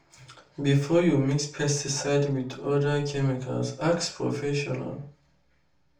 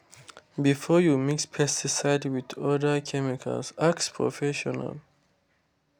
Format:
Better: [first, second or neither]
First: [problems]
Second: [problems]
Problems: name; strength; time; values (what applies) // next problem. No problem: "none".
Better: second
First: room echo; dies away in 0.3 s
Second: none